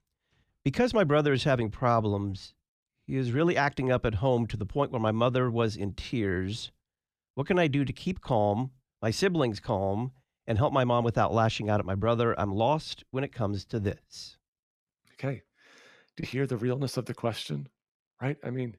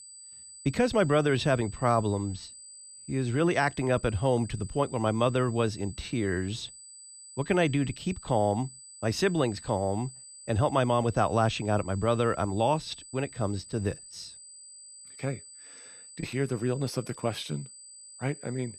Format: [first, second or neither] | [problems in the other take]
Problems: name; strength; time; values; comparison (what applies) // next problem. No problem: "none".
first | high-pitched whine; noticeable; throughout; 8 kHz, 15 dB below the speech